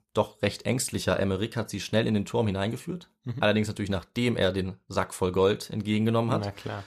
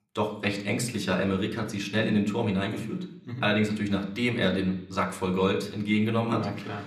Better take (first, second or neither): first